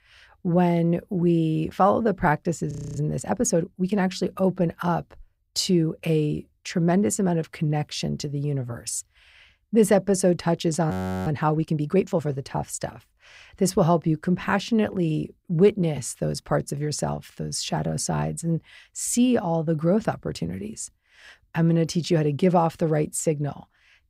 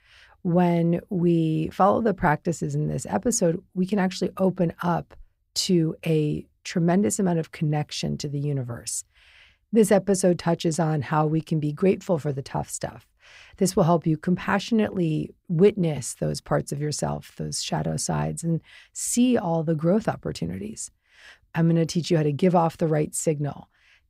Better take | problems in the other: second | audio freezing; at 2.5 s and at 11 s

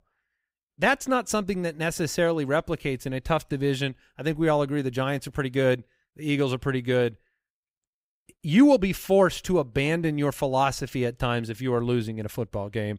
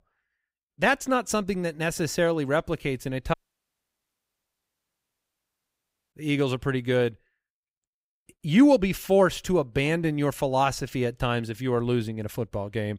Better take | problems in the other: first | audio cutting out; at 3.5 s for 3 s

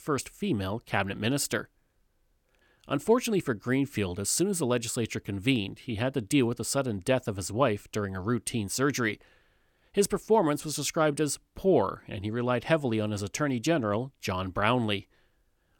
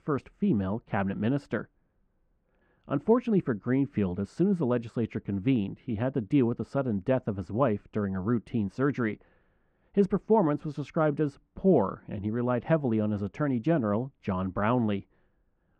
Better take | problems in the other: first | muffled; very; fading above 1.5 kHz

